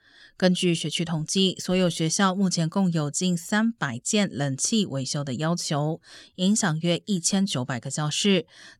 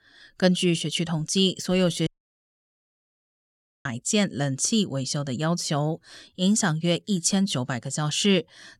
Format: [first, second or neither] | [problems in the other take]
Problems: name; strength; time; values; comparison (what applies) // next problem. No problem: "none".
first | audio cutting out; at 2 s for 2 s